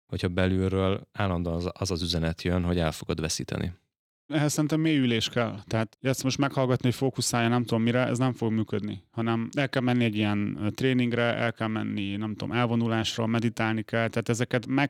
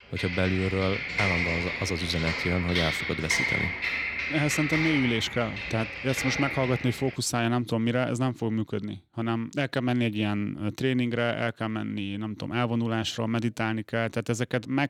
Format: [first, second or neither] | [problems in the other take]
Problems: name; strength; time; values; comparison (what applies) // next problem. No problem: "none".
first | keyboard typing; loud; until 7 s; peak 4 dB above the speech